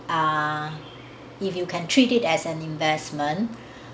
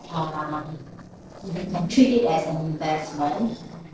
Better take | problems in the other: first | noise reduction (neural separator model SepFormer DNS4)

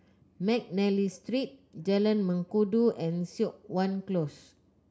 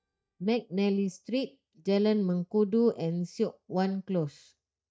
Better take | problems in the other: first | noise reduction (neural mask model DeepFilterNet 3)

